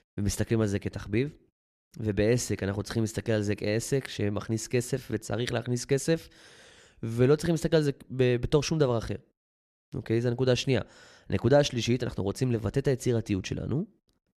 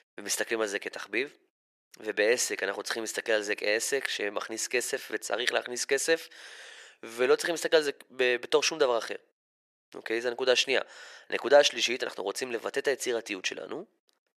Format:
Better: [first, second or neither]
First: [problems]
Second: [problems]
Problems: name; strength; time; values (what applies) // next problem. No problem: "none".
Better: first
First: none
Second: thin; very; fading below 500 Hz